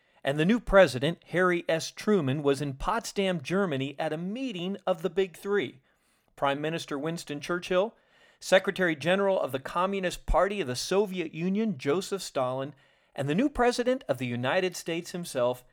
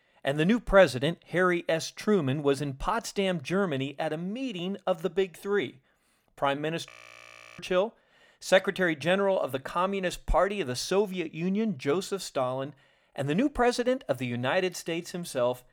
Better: first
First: none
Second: audio freezing; at 7 s for 0.5 s

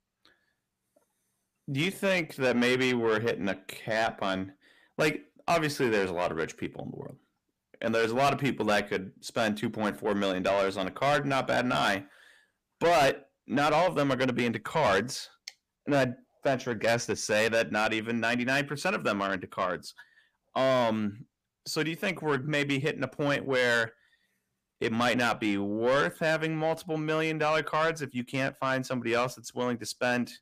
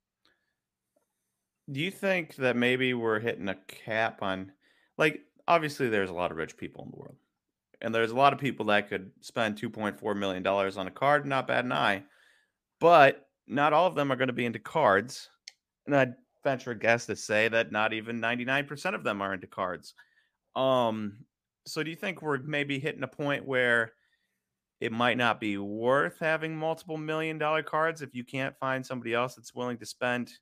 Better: second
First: distortion; heavy; 7 dB below the speech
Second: none

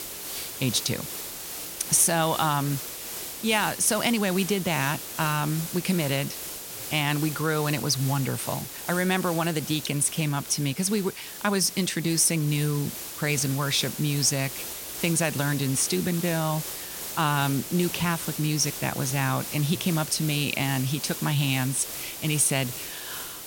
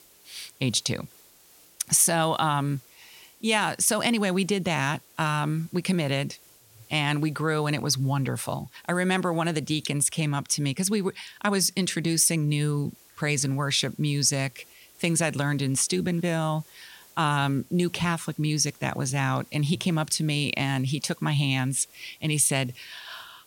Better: second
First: hiss; loud; throughout; 8 dB below the speech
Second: hiss; faint; throughout; 25 dB below the speech

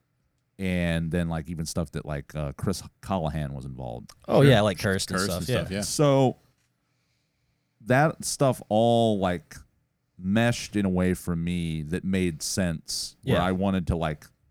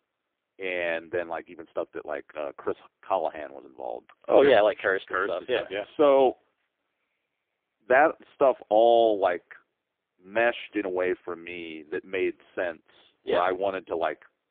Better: first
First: none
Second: phone-call audio; poor line; nothing above 3.5 kHz

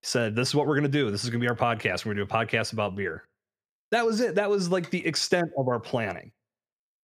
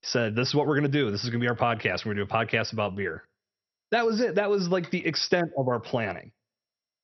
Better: first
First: none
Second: garbled, watery; slightly; nothing above 6 kHz

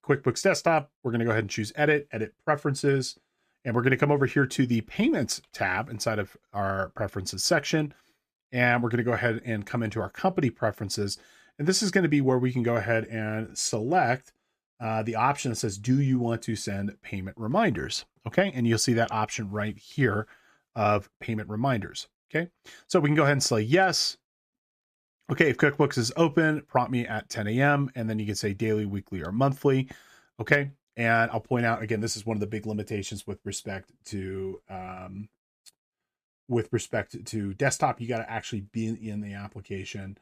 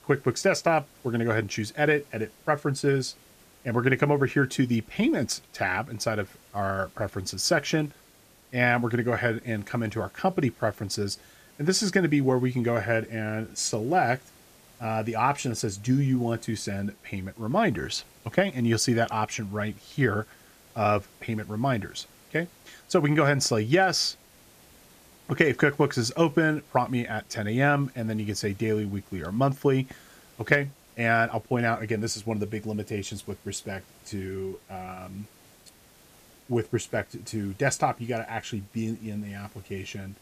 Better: first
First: none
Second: hiss; faint; throughout; 25 dB below the speech

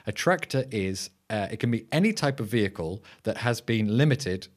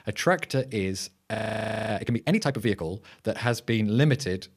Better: first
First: none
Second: audio freezing; at 1.5 s for 0.5 s

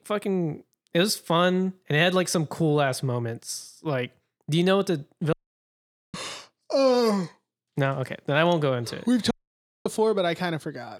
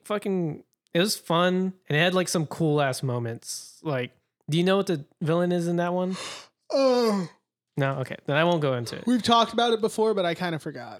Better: second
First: audio cutting out; at 5.5 s for 1 s and at 9.5 s for 0.5 s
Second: none

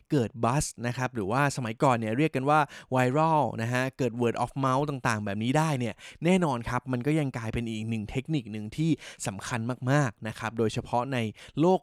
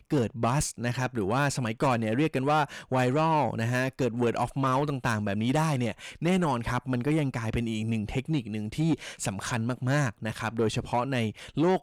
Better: first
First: none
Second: distortion; slight; 10 dB below the speech

